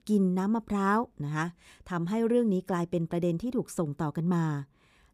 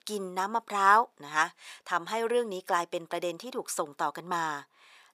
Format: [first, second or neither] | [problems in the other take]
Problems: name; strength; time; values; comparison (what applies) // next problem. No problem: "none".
first | thin; very; fading below 850 Hz